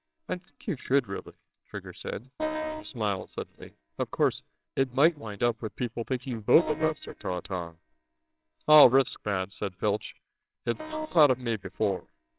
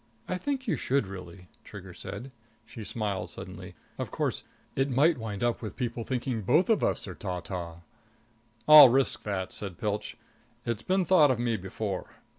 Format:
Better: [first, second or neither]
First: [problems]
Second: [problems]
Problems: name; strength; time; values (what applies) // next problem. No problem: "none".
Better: second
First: noise reduction (neural separator model SepFormer WHAMR!)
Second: none